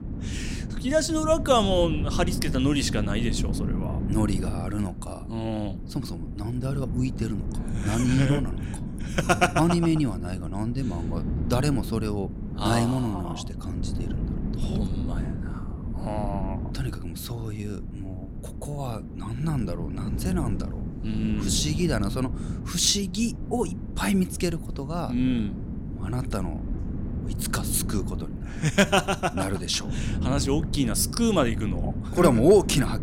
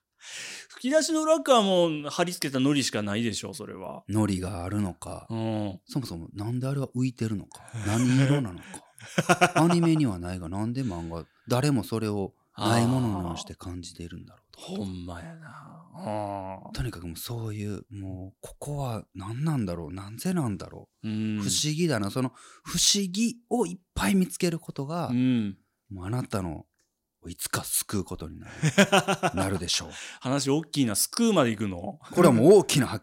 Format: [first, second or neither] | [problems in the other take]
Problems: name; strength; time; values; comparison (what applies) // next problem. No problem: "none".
second | wind noise on the microphone; occasional gusts; 15 dB below the speech